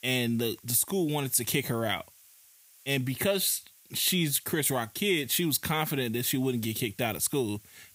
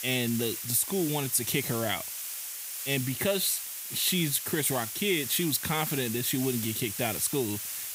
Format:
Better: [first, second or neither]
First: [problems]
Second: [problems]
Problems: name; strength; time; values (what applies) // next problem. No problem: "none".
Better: first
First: hiss; faint; throughout; 25 dB below the speech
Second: hiss; loud; throughout; 5 dB below the speech